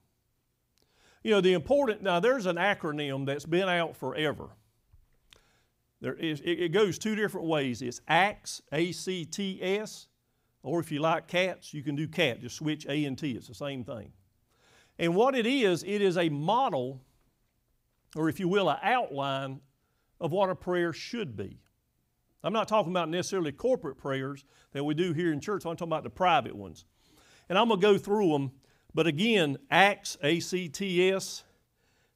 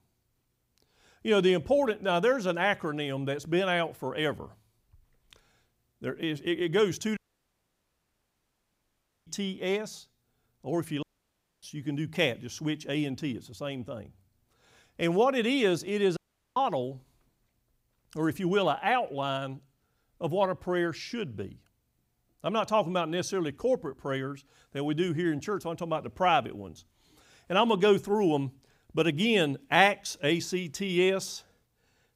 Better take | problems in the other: first | audio cutting out; at 7 s for 2 s, at 11 s for 0.5 s and at 16 s

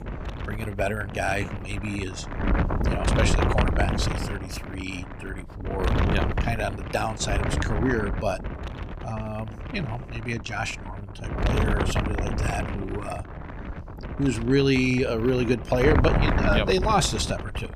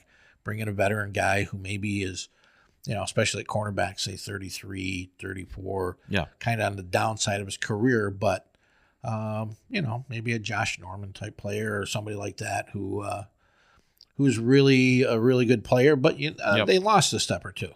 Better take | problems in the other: second | wind noise on the microphone; heavy; 4 dB below the speech

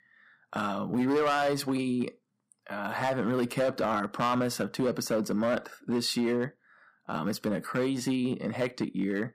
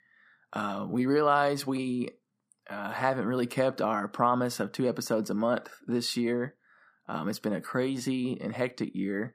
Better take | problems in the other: second | distortion; slight; 6% of the sound clipped

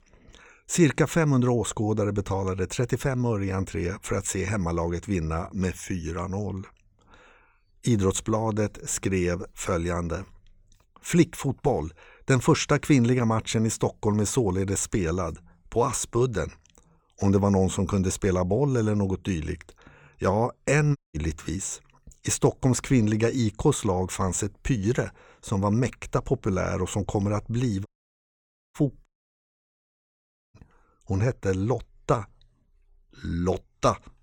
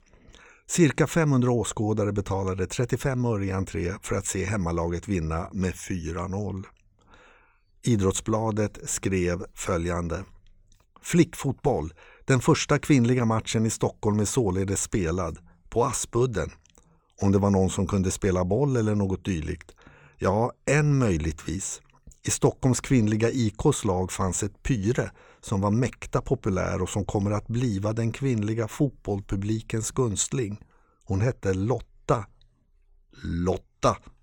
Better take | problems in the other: second | audio cutting out; at 21 s, at 28 s for 1 s and at 29 s for 1.5 s

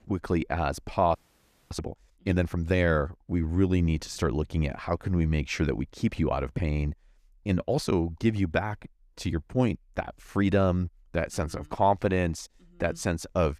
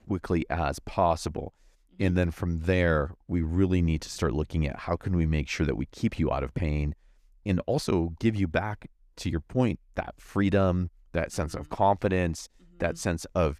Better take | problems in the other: second | audio freezing; at 1 s for 0.5 s

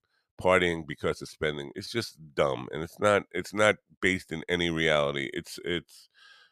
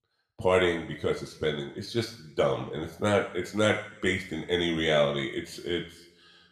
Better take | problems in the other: first | room echo; slight; dies away in 0.7 s // off-mic speech; somewhat distant

